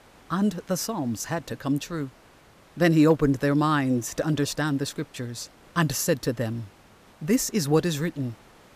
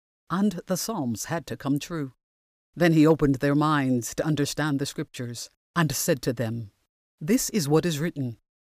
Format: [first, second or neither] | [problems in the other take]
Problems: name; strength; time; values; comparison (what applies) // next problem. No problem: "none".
second | hiss; faint; throughout; 30 dB below the speech